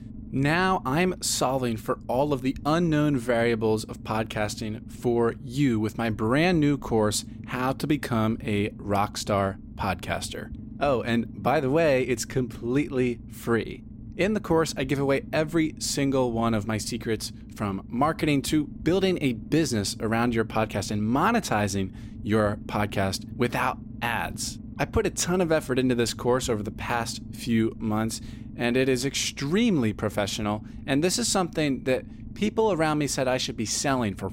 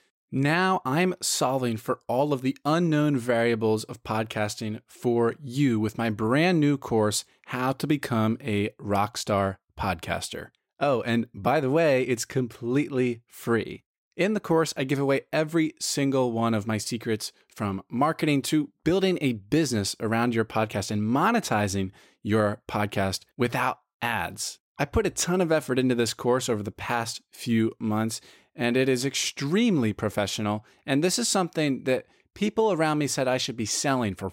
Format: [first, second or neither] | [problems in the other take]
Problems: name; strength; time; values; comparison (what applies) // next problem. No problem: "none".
second | low rumble; faint; throughout; 20 dB below the speech